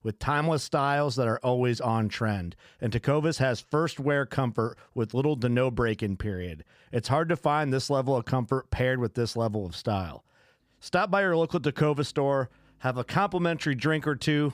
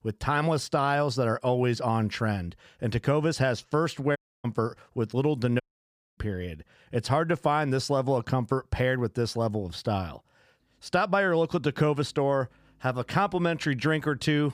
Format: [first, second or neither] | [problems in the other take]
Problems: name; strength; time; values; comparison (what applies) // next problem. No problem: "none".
first | audio cutting out; at 4 s and at 5.5 s for 0.5 s